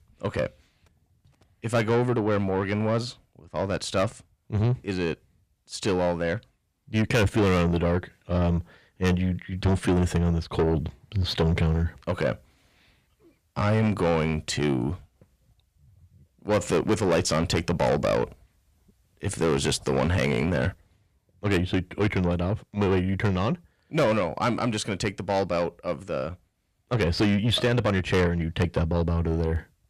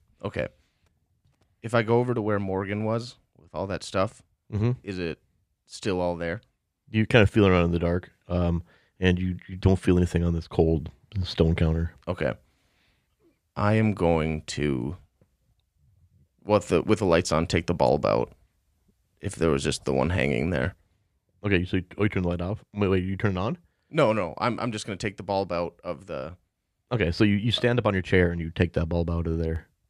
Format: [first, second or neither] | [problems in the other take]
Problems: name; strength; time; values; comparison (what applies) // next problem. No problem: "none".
second | distortion; heavy; 7 dB below the speech